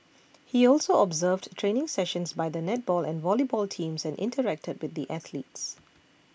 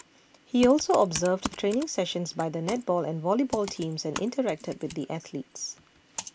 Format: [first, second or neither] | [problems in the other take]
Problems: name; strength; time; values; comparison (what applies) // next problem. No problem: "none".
first | background sound (Computer keyboard); 14 dB below the speech